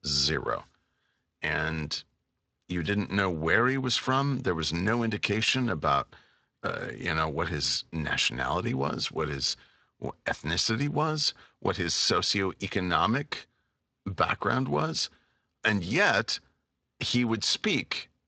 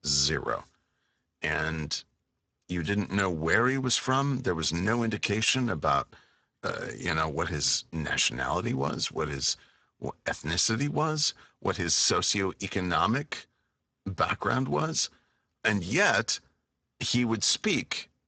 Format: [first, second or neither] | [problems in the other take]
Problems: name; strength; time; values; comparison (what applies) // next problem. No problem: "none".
first | garbled, watery; badly; nothing above 7.5 kHz; slightly in the first